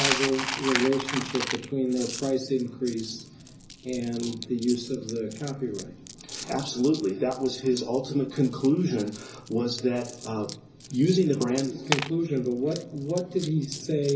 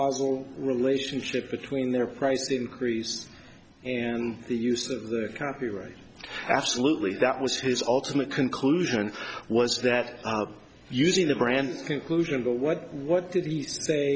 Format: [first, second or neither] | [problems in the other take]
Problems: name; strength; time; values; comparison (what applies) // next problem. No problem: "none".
second | background sound (Coin (dropping)); 9 dB below the speech // room echo; dies away in 0.5 s